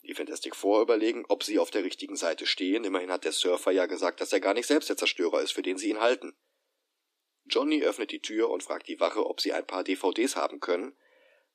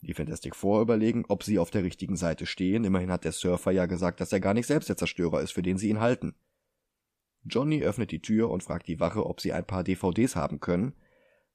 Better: second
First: thin; somewhat; fading below 300 Hz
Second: none

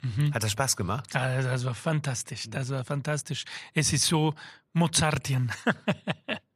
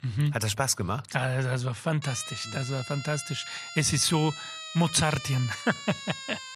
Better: first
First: none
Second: siren; noticeable; from 2 s on; peak 9 dB below the speech

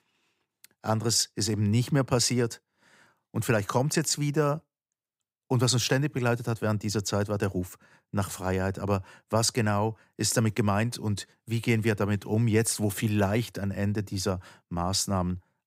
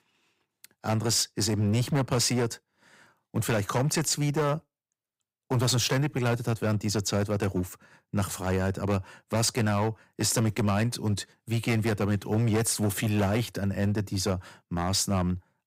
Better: first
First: none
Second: distortion; slight; 11% of the sound clipped

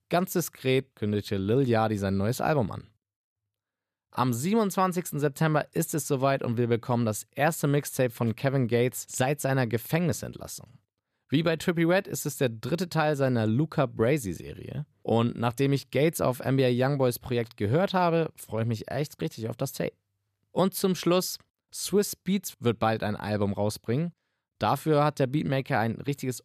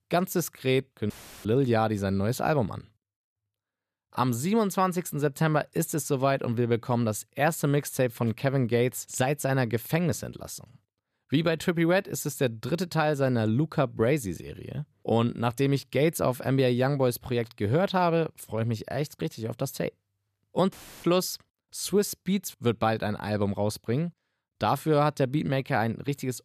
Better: first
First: none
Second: audio cutting out; filled with static; at 1 s and at 21 s

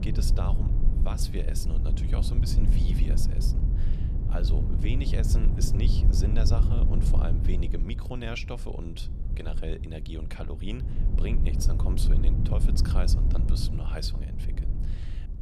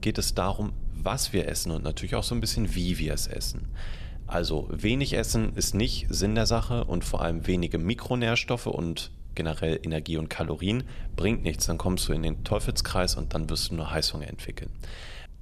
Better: second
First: low rumble; loud; throughout; 4 dB below the speech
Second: low rumble; faint; throughout; 25 dB below the speech

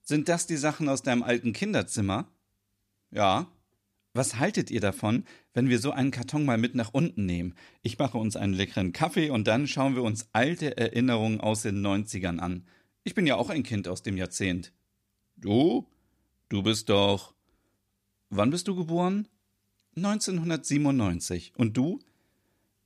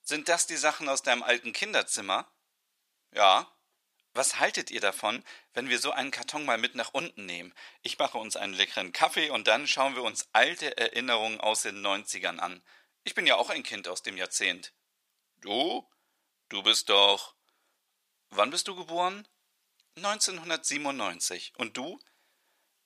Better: first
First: none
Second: thin; very; fading below 800 Hz

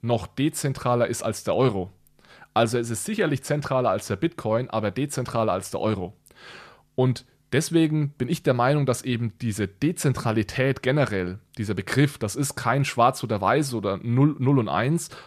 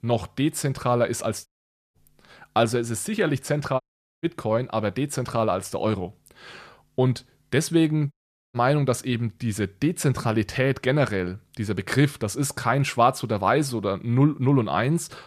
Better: first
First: none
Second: audio cutting out; at 1.5 s, at 4 s and at 8 s

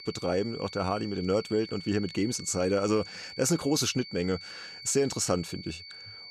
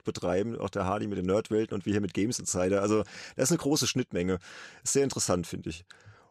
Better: second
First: high-pitched whine; noticeable; throughout; 4.5 kHz, 15 dB below the speech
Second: none

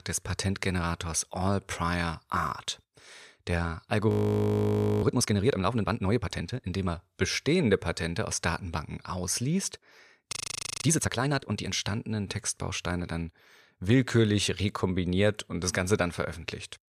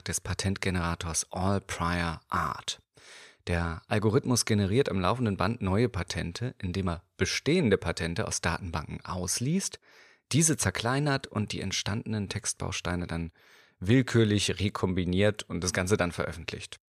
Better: second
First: audio freezing; at 4 s for 1 s and at 10 s for 0.5 s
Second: none

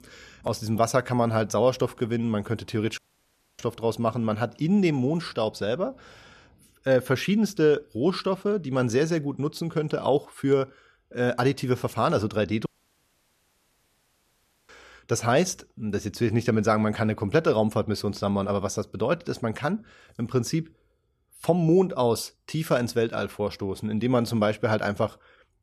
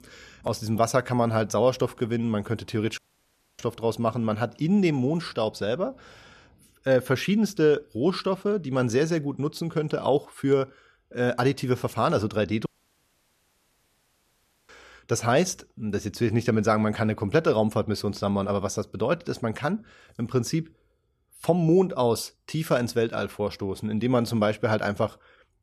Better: neither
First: audio cutting out; at 3 s for 0.5 s and at 13 s for 2 s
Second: audio cutting out; at 3 s for 0.5 s and at 13 s for 2 s

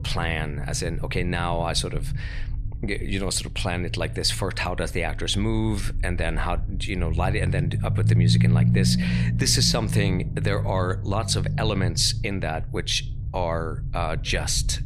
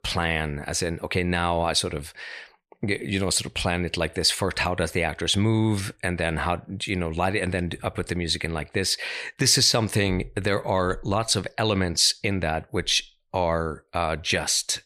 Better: second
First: low rumble; noticeable; throughout; 10 dB below the speech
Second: none

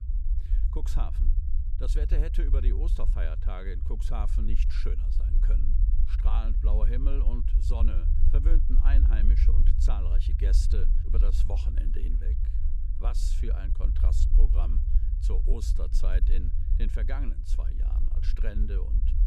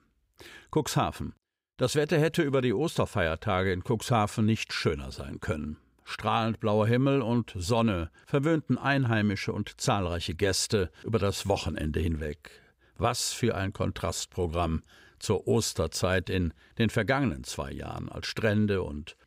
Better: second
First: low rumble; loud; throughout; 5 dB below the speech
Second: none

